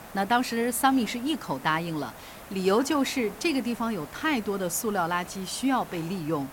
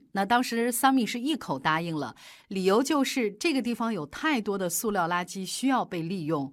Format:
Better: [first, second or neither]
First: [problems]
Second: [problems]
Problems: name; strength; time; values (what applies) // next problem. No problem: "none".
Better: second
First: hiss; noticeable; throughout; 15 dB below the speech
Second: none